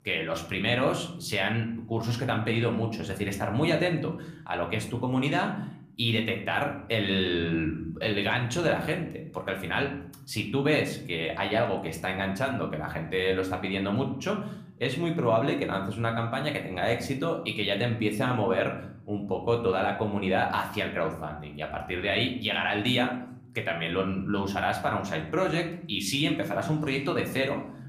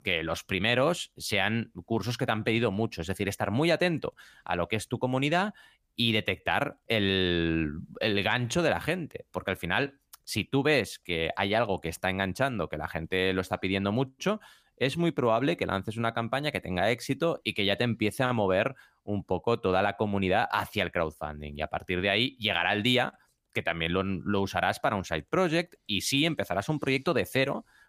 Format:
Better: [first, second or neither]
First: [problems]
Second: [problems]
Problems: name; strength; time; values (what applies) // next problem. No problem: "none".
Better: second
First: room echo; slight; dies away in 0.6 s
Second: none